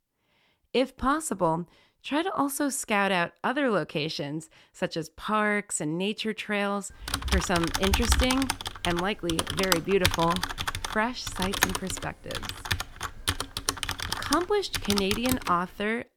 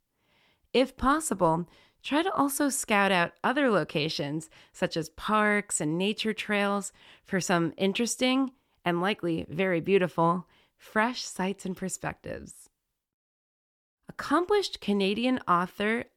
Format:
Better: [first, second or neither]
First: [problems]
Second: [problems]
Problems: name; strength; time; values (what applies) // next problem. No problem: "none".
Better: second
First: keyboard typing; loud; from 7 to 15 s; peak 3 dB above the speech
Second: none